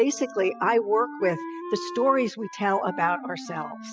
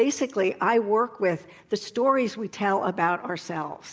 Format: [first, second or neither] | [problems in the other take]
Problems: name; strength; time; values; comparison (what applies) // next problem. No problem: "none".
second | noise reduction (classical method spectral subtraction)